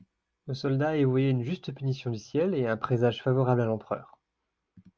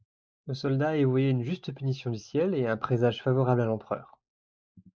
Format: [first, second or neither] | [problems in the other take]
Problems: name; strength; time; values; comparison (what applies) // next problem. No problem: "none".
first | noise reduction (neural mask model Resemble Enhance denoiser)